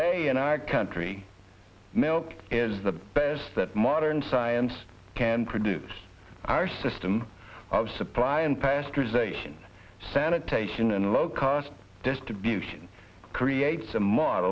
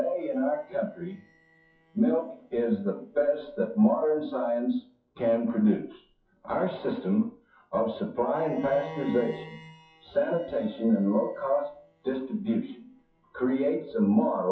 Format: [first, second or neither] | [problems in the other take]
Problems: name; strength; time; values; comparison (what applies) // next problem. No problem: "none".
first | noise reduction (classical method WPE with log-MMSE)